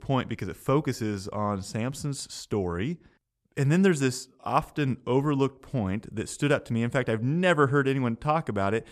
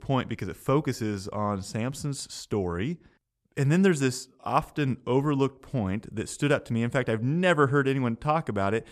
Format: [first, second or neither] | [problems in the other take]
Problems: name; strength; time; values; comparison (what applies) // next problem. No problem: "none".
neither | none